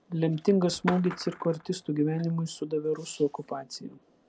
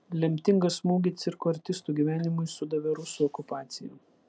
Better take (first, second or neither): second